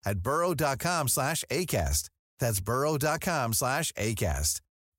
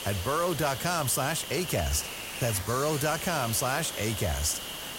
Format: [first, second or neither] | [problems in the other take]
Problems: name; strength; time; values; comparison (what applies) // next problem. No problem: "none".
first | hiss; loud; throughout; 7 dB below the speech